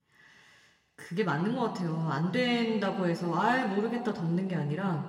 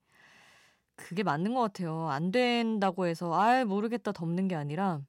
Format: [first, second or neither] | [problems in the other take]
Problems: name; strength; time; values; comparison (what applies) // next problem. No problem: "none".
second | room echo; slight; dies away in 1.8 s